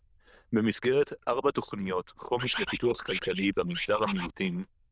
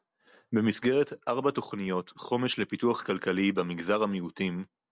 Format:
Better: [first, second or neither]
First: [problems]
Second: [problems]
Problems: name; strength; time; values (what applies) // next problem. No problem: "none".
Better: second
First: noise reduction (neural diffusion model UNIVERSE++)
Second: none